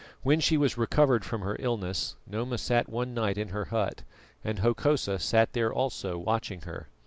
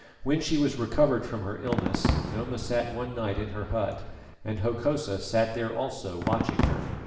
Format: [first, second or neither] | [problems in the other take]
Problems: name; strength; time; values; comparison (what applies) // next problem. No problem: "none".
first | background sound (Fireworks); 4 dB below the speech // room echo; dies away in 1 s